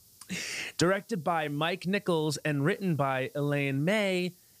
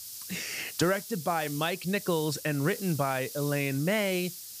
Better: first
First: hiss; faint; throughout; 25 dB below the speech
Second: hiss; loud; throughout; 10 dB below the speech

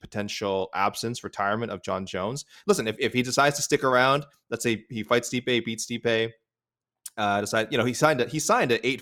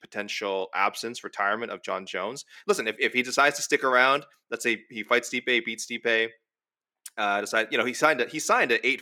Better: first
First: none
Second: thin; very slightly; fading below 300 Hz

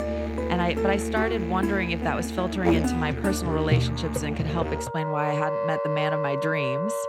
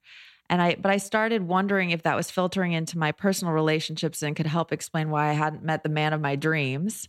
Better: second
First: background music; very loud; throughout; 1 dB above the speech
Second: none

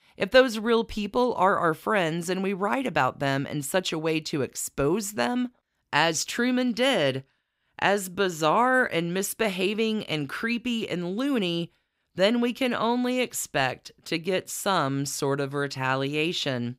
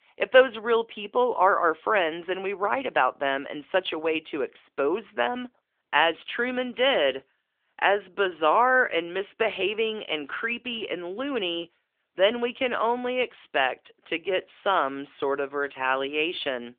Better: first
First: none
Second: phone-call audio; nothing above 3.5 kHz

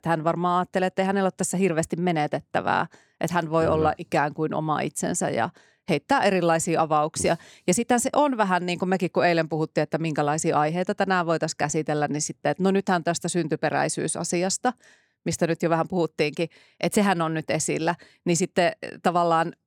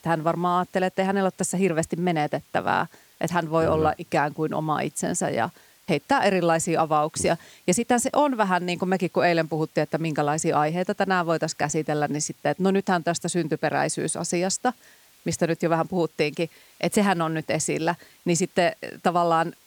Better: first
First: none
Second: hiss; faint; throughout; 30 dB below the speech

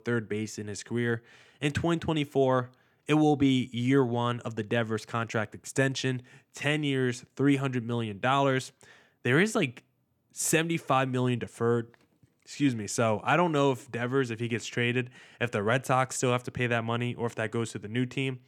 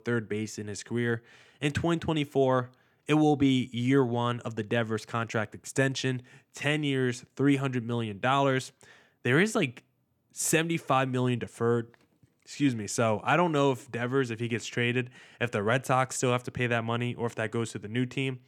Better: neither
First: none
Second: none

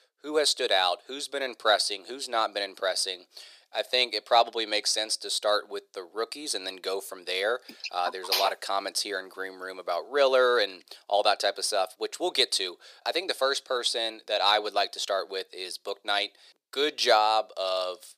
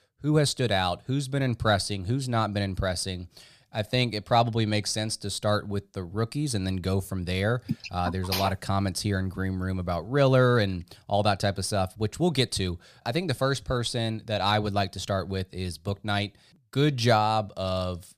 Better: second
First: thin; very; fading below 400 Hz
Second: none

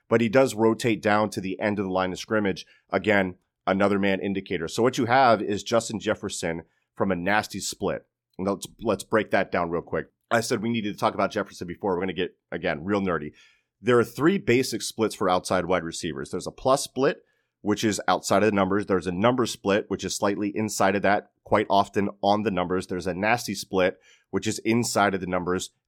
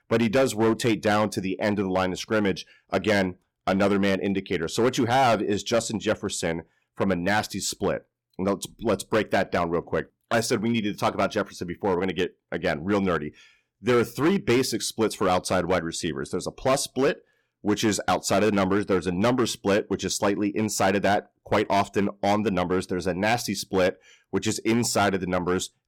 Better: first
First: none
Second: distortion; slight; 6% of the sound clipped

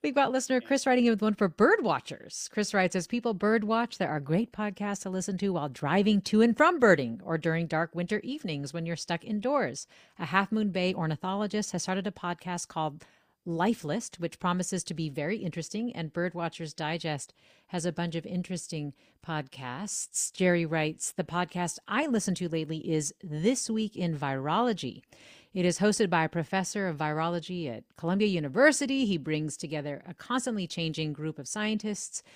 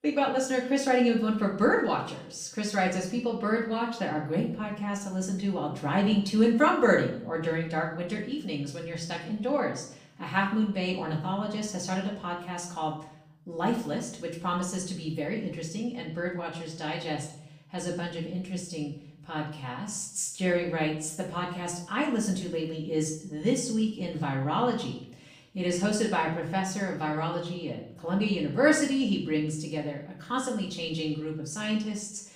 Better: first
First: none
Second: room echo; slight; dies away in 0.6 s // off-mic speech; far

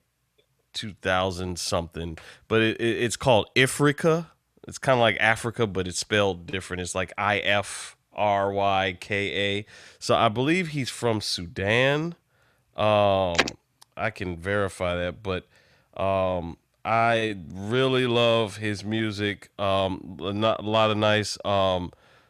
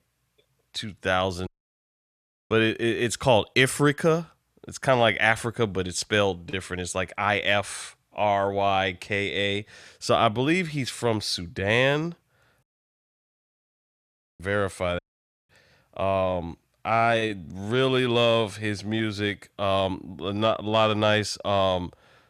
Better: first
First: none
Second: audio cutting out; at 1.5 s for 1 s, at 13 s for 2 s and at 15 s for 0.5 s

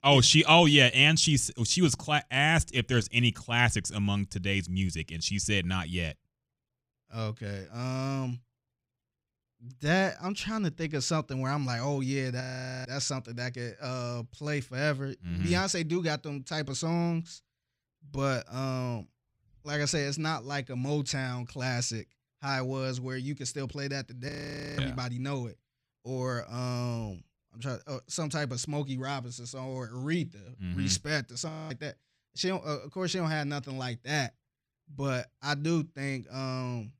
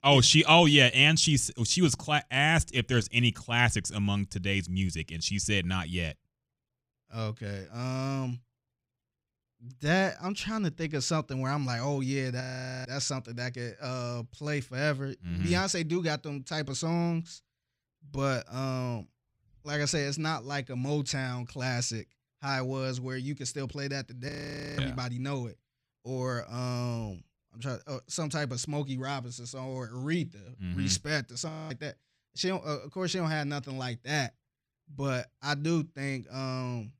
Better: neither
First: audio freezing; at 12 s, at 24 s and at 31 s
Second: audio freezing; at 12 s, at 24 s and at 31 s

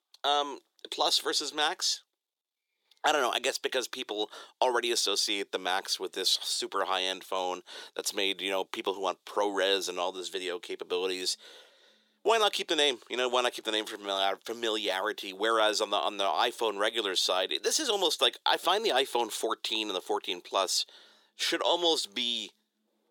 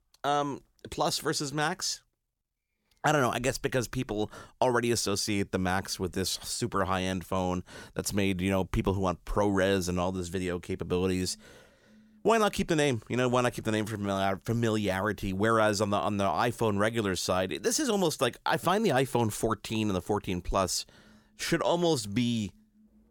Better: second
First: thin; very; fading below 350 Hz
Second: none

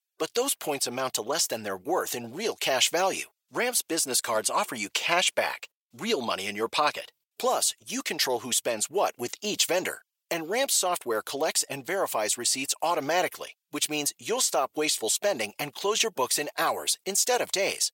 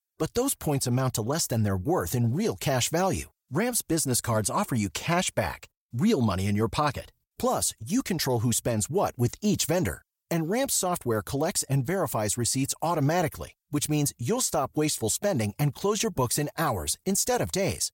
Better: second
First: thin; somewhat; fading below 450 Hz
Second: none

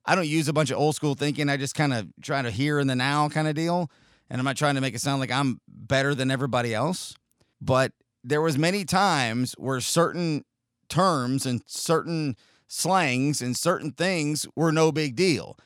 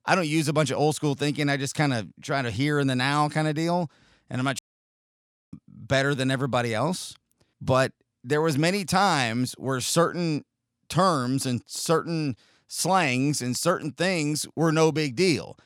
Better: first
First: none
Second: audio cutting out; at 4.5 s for 1 s

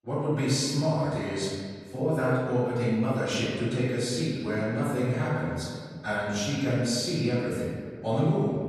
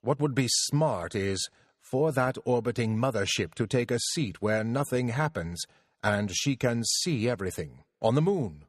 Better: second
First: off-mic speech; far // room echo; strong; dies away in 1.8 s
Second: none

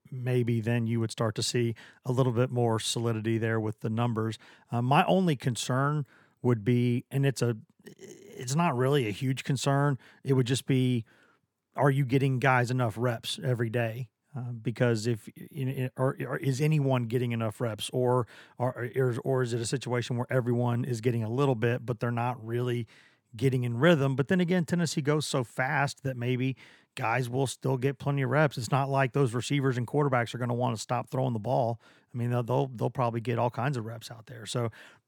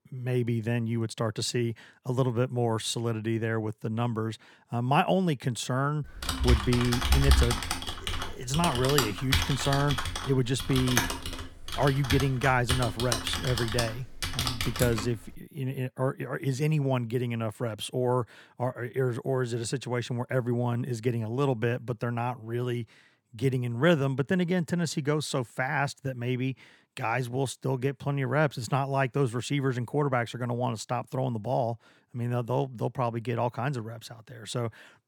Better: first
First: none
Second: keyboard typing; loud; from 6 to 15 s; peak 6 dB above the speech

